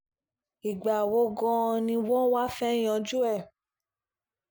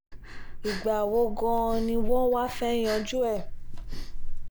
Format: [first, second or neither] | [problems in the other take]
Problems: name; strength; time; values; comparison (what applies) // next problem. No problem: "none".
first | background sound (Breathing); 1 dB below the speech